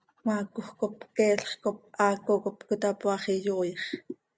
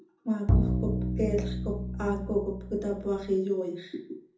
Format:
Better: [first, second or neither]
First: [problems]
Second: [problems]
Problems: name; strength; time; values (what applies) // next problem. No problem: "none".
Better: first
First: none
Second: background sound (Bowed string instrument); 2 dB above the speech // room echo; dies away in 0.6 s